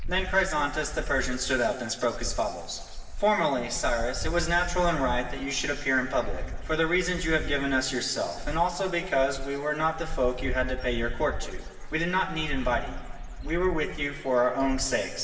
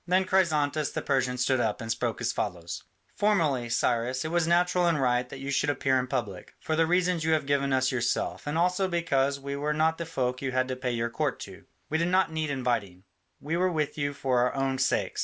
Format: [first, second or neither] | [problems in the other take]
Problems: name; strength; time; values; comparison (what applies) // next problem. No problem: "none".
second | background sound (Bird / Dog); 6 dB below the speech // room echo; dies away in 2.1 s